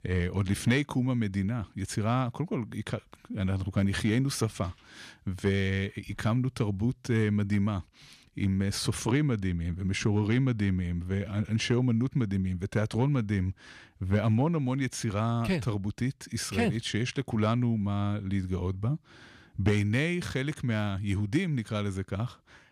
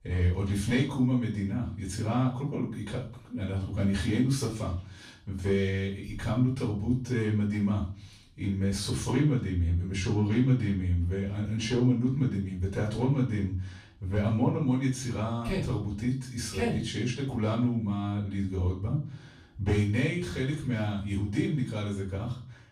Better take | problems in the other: first | room echo; slight; dies away in 0.4 s // off-mic speech; far

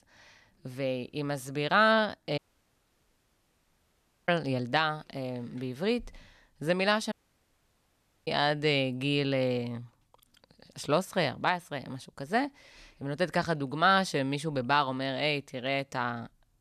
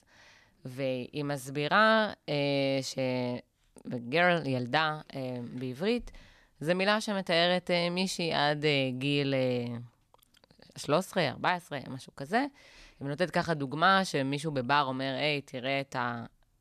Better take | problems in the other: second | audio cutting out; at 2.5 s for 2 s and at 7 s for 1 s

